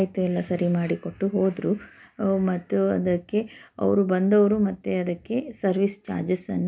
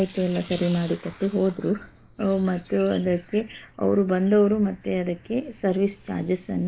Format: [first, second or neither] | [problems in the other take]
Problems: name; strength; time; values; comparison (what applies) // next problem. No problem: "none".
first | noise reduction (neural mask model Resemble Enhance denoiser)